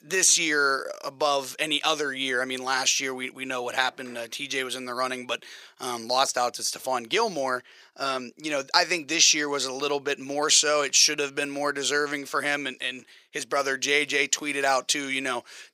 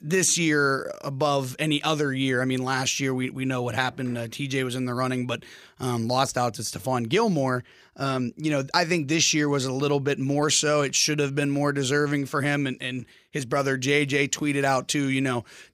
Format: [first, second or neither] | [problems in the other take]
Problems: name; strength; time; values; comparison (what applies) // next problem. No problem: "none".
second | thin; somewhat; fading below 500 Hz